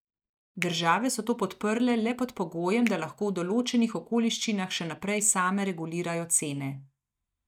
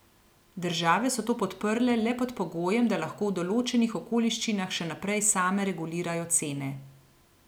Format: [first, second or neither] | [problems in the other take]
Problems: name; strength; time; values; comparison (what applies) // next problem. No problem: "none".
second | noise reduction (neural mask model DeepFilterNet 3)